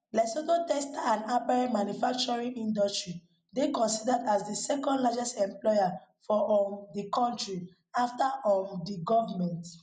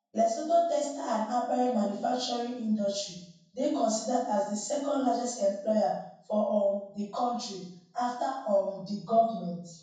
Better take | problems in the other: first | room echo; dies away in 0.6 s

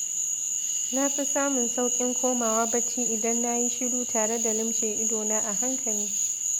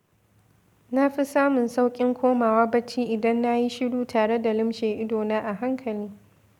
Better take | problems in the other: second | background sound (Cricket / Frog); 2 dB above the speech

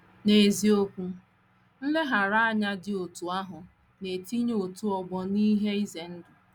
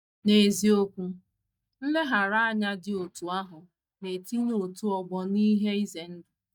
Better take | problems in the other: first | noise reduction (neural mask model DeepFilterNet 3)

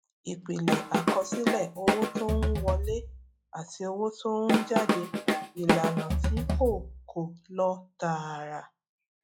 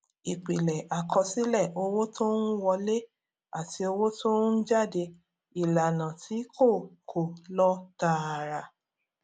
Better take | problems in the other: second | noise reduction (classical method log-MMSE)

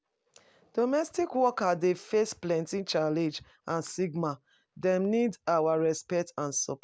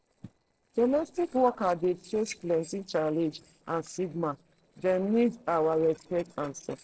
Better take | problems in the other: first | noise reduction (neural separator model SepFormer DNS4)

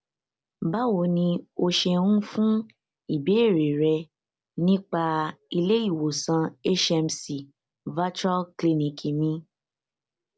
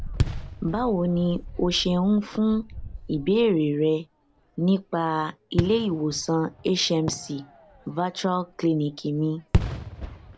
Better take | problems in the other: first | background sound (Fireworks); 8 dB below the speech

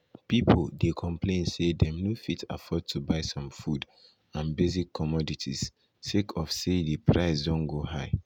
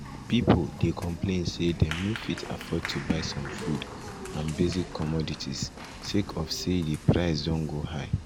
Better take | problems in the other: first | background sound (Applause); 11 dB below the speech

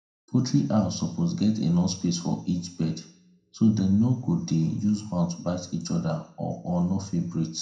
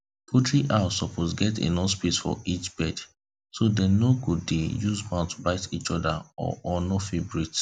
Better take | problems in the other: second | room echo; dies away in 0.5 s

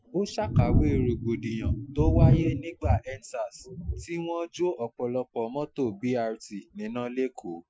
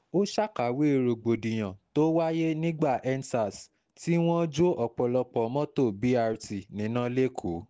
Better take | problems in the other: second | noise reduction (classical method Wiener filter)

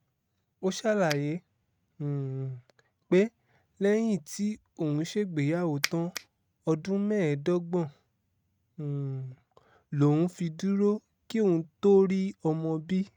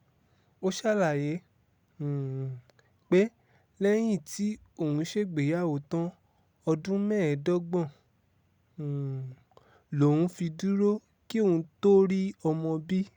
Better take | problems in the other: second | noise reduction (neural mask model RNNoise)

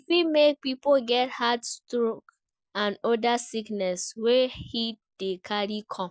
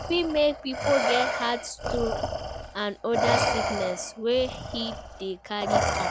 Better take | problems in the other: first | background sound (Respiratory sounds); as loud as the speech

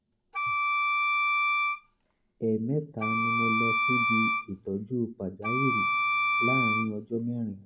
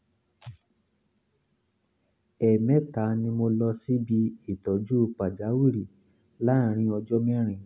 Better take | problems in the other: second | background sound (Wind instrument, woodwind instrument); 4 dB above the speech // room echo; dies away in 1.3 s

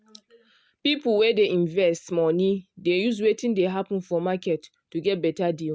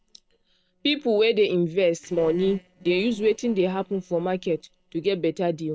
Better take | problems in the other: first | noise reduction (neural separator model SepFormer DNS4)

